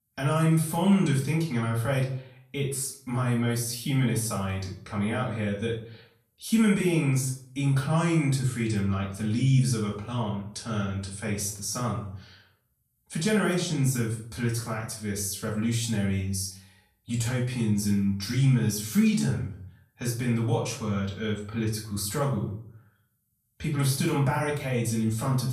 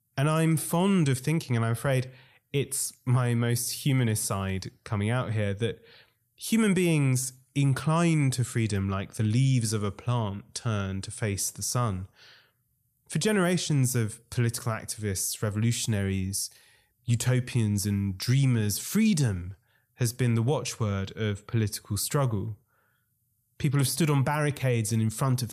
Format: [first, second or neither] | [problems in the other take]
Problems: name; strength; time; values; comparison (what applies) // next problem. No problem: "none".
second | off-mic speech; far // room echo; slight; dies away in 0.4 s